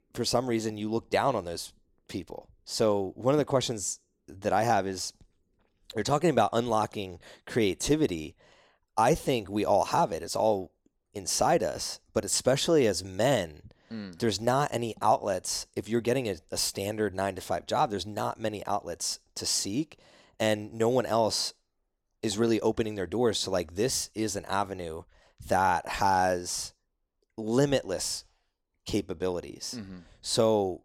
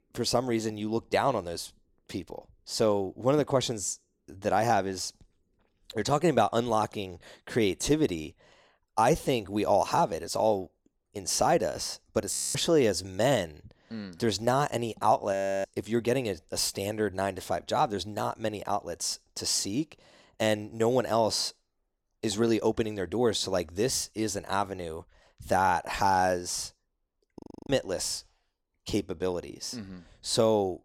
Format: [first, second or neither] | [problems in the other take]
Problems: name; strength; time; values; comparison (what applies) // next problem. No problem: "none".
first | audio freezing; at 12 s, at 15 s and at 27 s